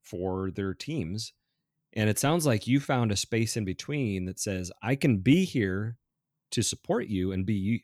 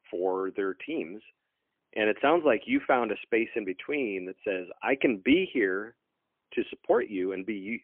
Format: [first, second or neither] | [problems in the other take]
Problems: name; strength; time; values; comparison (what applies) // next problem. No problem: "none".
first | phone-call audio; poor line; nothing above 3 kHz